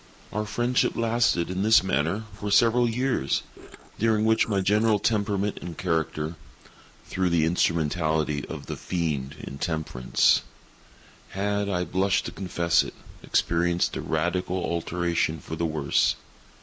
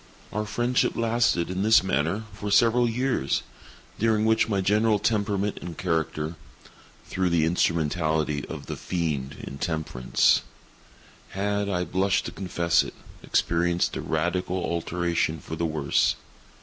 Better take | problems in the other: second | noise reduction (neural mask model Resemble Enhance denoiser)

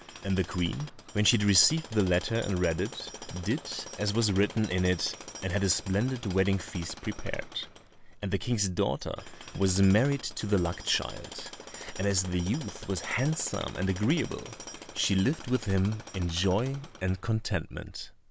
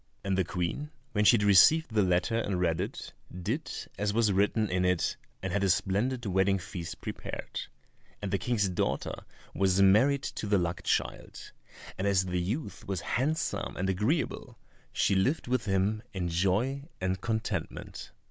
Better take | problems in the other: second | background sound (Tools); 16 dB below the speech

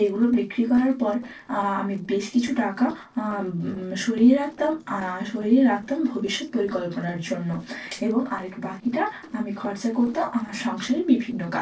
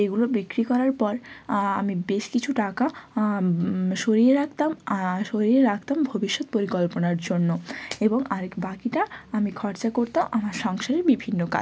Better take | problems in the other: second | noise reduction (neural separator model SepFormer DNS4)

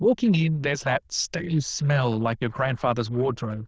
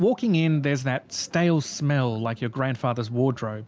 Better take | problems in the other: second | noise reduction (neural diffusion model UNIVERSE++)

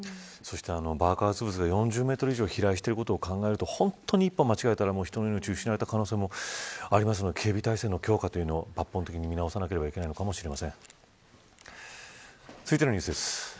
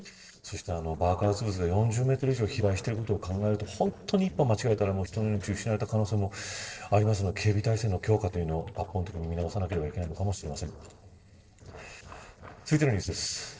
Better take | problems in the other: first | noise reduction (neural separator model SepFormer DNS4)

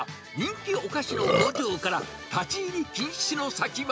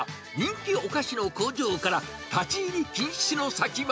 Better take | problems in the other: second | background sound (Burping, eructation); 4 dB below the speech

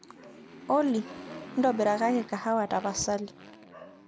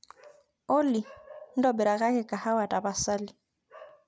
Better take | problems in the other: second | background sound (Motorcycle); 15 dB below the speech

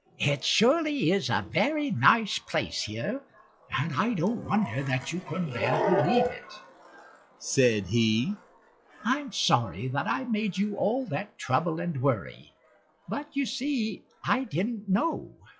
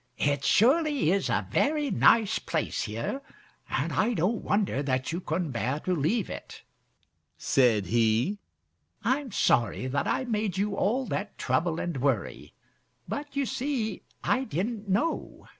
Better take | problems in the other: second | noise reduction (classical method log-MMSE)

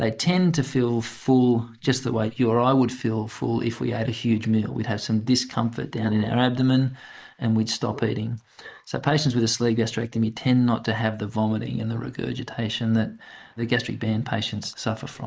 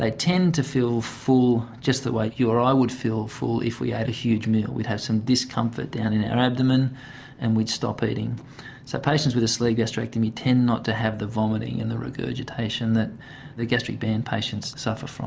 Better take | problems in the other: second | noise reduction (neural mask model Resemble Enhance denoiser)

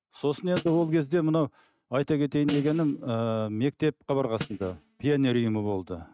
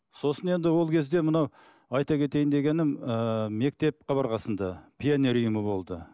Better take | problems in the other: second | noise reduction (neural mask model RNNoise)

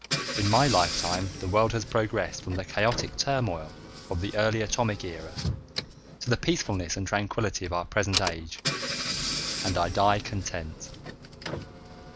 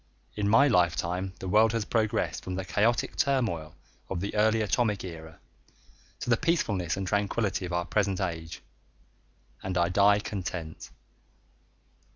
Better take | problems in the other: second | background sound (Engine / Car); 7 dB below the speech

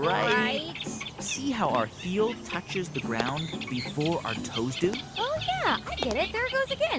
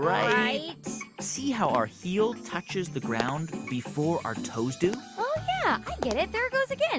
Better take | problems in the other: second | background sound (Bird); 10 dB below the speech

